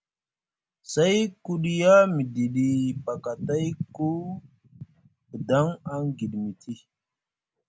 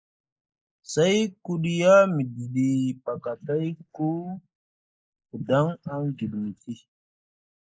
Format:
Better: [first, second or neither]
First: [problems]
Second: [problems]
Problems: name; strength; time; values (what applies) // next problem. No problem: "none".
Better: first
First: none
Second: noise reduction (neural mask model Resemble Enhance denoiser)